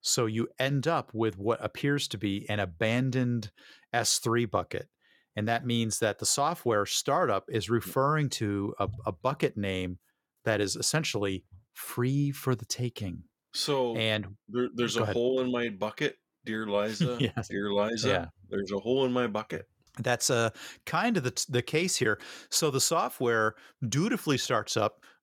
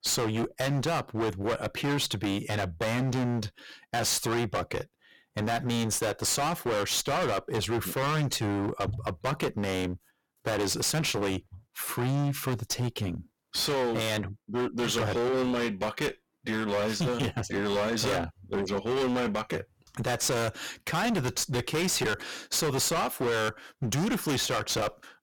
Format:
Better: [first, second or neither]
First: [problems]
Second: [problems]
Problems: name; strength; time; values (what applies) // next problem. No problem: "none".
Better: first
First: none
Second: distortion; heavy; 28% of the sound clipped